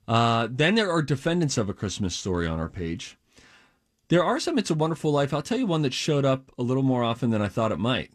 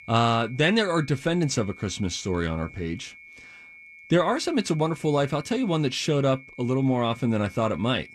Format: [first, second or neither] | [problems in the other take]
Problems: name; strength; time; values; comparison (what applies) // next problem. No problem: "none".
first | high-pitched whine; noticeable; throughout; 2 kHz, 20 dB below the speech